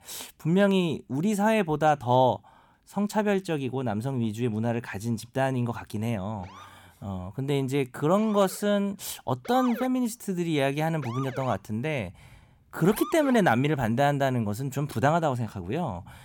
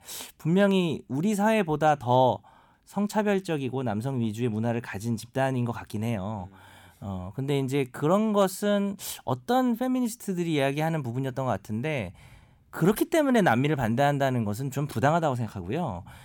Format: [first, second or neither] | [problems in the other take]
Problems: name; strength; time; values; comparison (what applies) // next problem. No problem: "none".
second | siren; noticeable; from 6.5 to 13 s; peak 9 dB below the speech